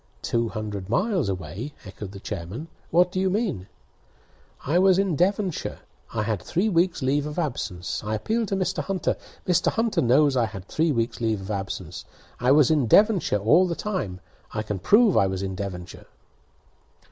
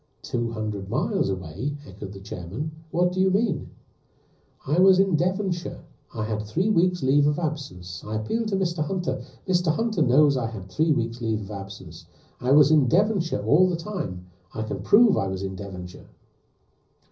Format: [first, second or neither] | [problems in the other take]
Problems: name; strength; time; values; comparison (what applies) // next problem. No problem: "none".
first | room echo; dies away in 0.5 s